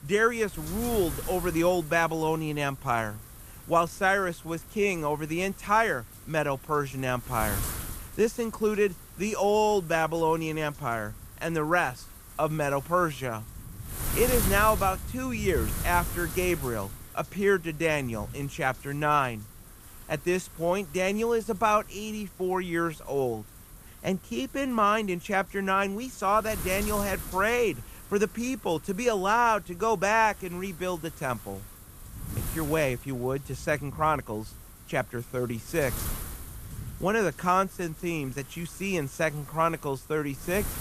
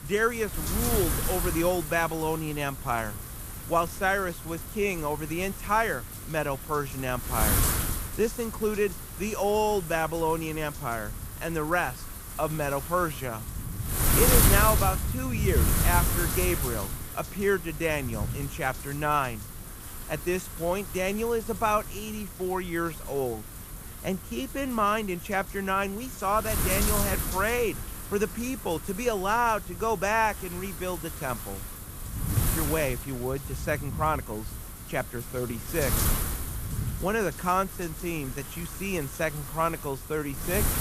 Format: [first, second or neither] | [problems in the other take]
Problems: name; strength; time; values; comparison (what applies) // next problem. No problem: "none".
first | wind noise on the microphone; heavy; 8 dB below the speech; occasional gusts in the first